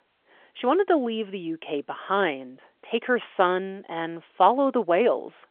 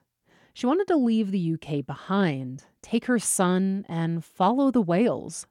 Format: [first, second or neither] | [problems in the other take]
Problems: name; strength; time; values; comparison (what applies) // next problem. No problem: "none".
second | phone-call audio; nothing above 3.5 kHz